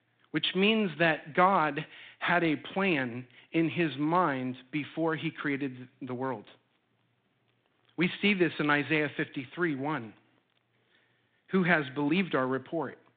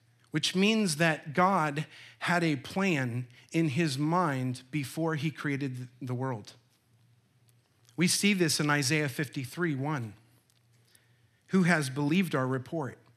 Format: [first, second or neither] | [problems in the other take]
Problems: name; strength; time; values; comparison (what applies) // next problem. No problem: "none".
second | phone-call audio; nothing above 3.5 kHz